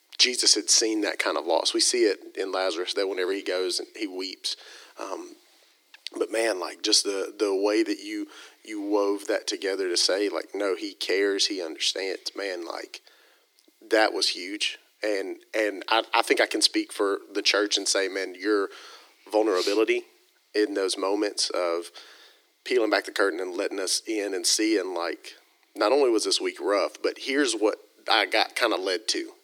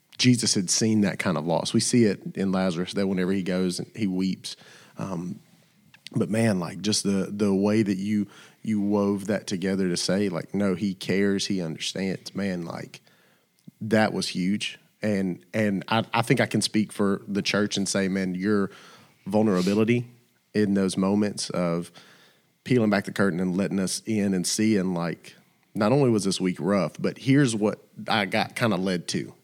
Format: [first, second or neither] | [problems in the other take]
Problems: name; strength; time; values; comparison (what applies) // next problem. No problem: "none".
second | thin; very; fading below 300 Hz